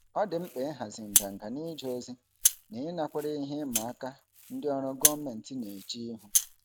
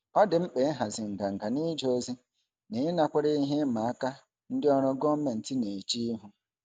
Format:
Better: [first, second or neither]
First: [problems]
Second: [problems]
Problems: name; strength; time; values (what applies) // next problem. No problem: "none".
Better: second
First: background sound (Rattle (instrument)); 2 dB above the speech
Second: none